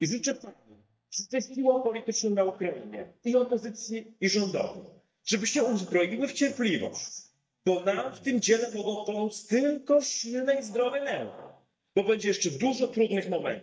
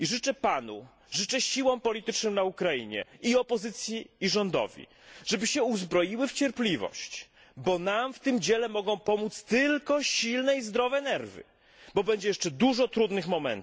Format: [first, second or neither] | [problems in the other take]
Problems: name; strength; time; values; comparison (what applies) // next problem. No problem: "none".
second | noise reduction (neural mask model DeepFilterNet 3)